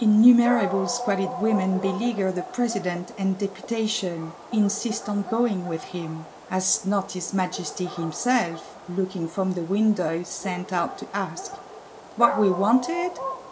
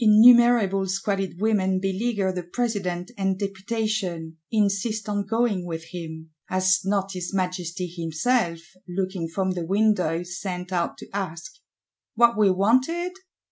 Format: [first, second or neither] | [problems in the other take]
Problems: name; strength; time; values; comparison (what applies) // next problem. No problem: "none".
second | background sound (Dog); 11 dB below the speech